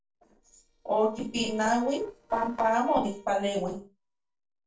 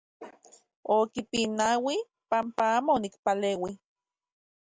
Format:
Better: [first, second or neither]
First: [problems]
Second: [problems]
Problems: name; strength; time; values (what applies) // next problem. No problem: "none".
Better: second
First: noise reduction (neural separator model SepFormer DNS4)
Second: none